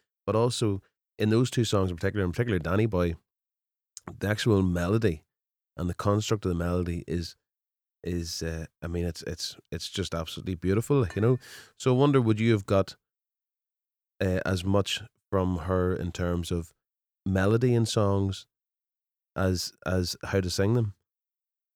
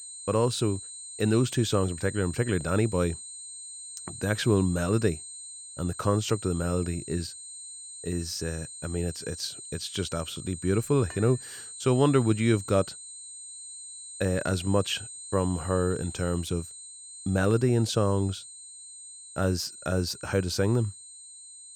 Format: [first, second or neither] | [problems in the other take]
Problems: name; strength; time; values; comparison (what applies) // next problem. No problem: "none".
first | high-pitched whine; noticeable; throughout; 8.5 kHz, 10 dB below the speech